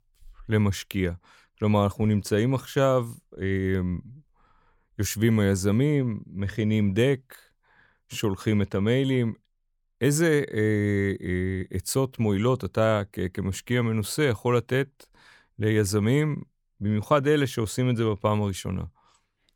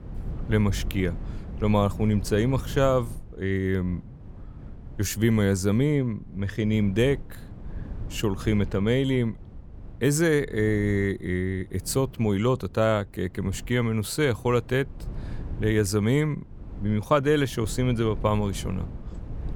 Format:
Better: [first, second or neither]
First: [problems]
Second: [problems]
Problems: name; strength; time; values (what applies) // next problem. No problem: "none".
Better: first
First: none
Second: wind noise on the microphone; occasional gusts; 20 dB below the speech